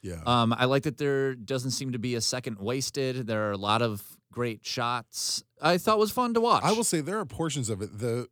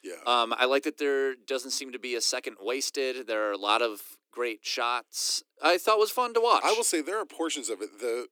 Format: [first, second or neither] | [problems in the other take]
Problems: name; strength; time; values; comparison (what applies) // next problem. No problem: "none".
first | thin; somewhat; fading below 300 Hz